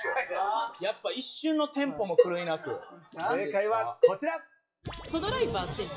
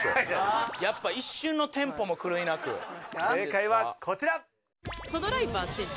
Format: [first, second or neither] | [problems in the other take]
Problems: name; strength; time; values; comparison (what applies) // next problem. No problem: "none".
second | noise reduction (classical method WPE with log-MMSE)